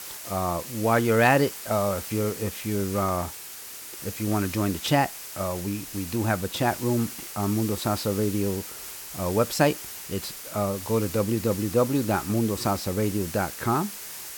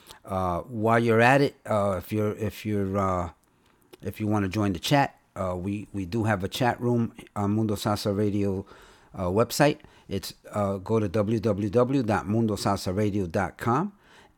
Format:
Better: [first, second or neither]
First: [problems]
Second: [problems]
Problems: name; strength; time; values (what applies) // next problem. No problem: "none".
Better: second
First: hiss; loud; throughout; 9 dB below the speech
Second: none